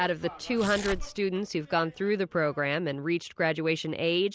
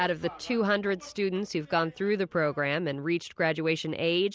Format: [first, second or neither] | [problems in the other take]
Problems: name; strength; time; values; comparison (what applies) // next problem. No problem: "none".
second | background sound (Tearing); 12 dB below the speech